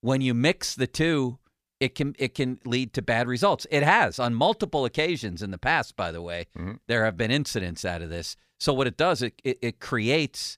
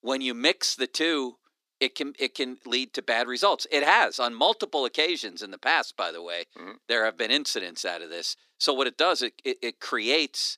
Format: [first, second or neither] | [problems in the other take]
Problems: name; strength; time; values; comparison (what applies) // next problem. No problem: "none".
first | thin; somewhat; fading below 300 Hz